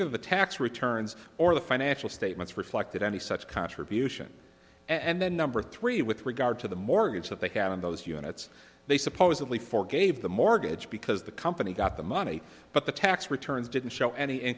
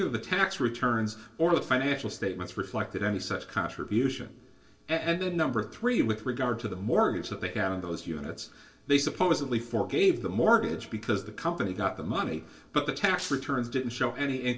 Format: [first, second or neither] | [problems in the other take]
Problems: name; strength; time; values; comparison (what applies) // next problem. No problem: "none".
first | noise reduction (neural separator model SepFormer DNS4)